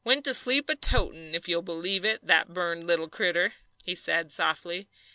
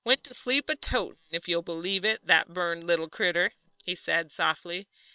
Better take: first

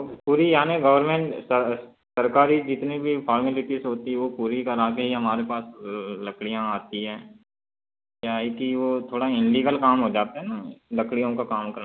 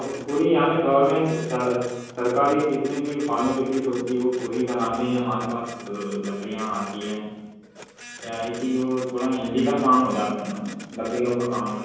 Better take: first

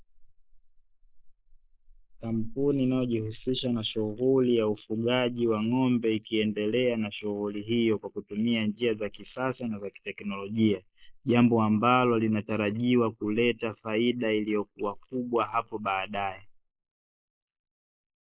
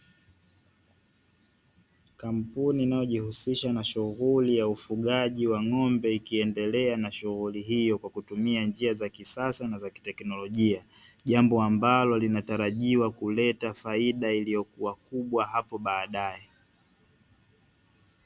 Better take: second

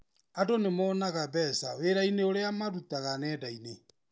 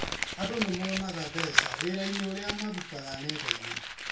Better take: first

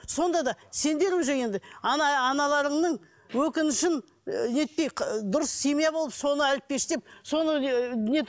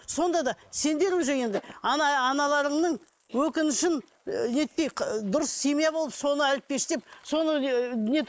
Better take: first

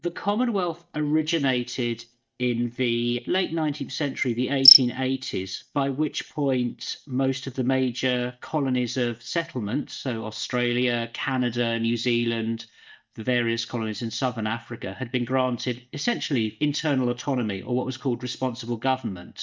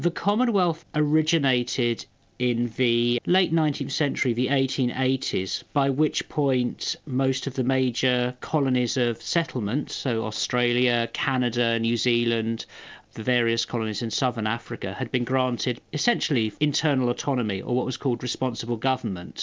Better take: second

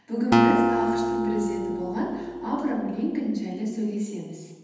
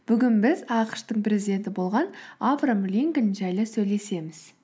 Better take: second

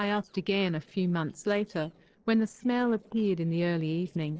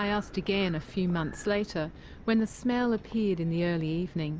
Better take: second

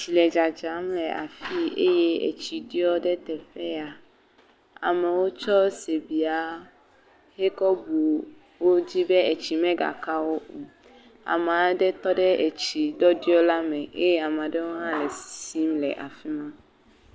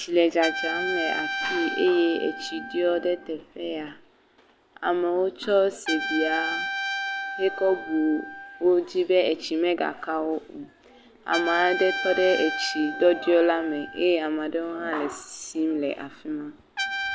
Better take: first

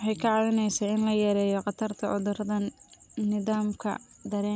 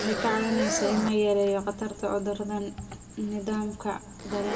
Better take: first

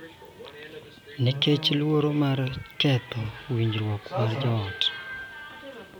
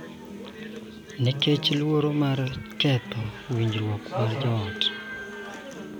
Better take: first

